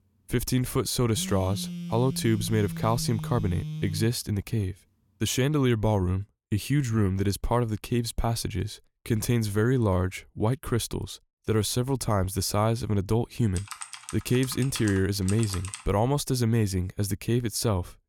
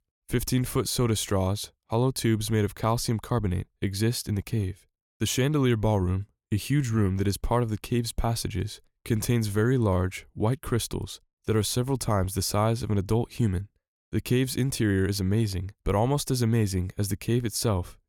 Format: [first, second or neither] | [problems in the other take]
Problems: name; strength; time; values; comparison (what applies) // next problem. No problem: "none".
second | phone ringing; noticeable; from 1 to 4 s; peak 7 dB below the speech // keyboard typing; noticeable; from 14 to 16 s; peak 9 dB below the speech